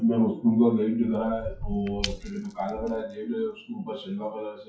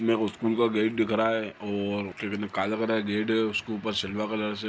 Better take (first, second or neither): second